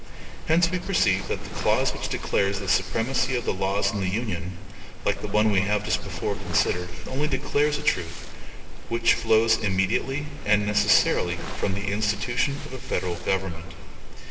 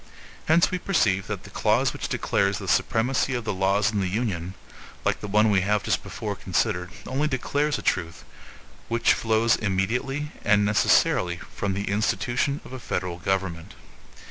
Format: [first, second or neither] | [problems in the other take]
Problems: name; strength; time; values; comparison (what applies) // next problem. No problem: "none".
second | background sound (Waves, surf); 14 dB below the speech // room echo; dies away in 1.6 s